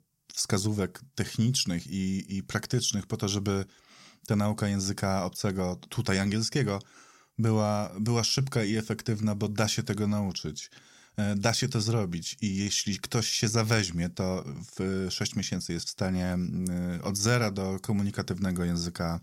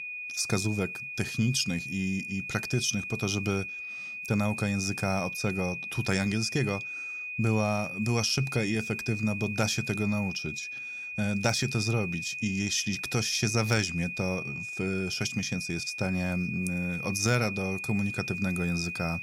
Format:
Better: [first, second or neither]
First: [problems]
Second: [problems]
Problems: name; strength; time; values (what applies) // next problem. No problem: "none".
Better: first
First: none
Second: high-pitched whine; loud; throughout; 2.5 kHz, 5 dB below the speech